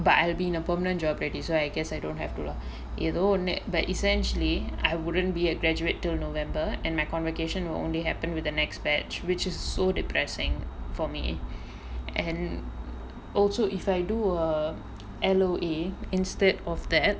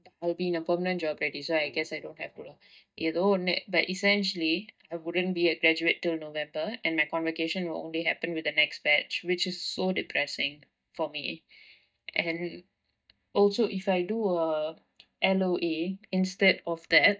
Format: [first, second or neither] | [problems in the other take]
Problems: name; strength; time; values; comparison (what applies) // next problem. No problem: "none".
first | noise reduction (neural mask model DeepFilterNet 3)